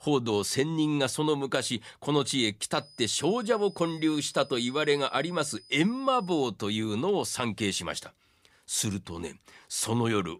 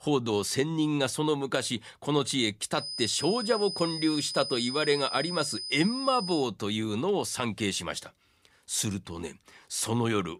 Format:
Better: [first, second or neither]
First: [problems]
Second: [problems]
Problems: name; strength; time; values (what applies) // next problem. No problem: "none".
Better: first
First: high-pitched whine; faint; from 3 to 6.5 s; 5 kHz, 25 dB below the speech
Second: high-pitched whine; loud; from 3 to 6.5 s; 5 kHz, 5 dB below the speech